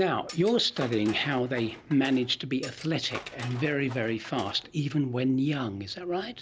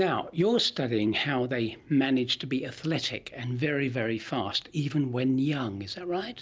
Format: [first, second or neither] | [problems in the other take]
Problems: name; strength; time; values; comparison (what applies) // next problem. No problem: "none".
second | background sound (Tools); 16 dB below the speech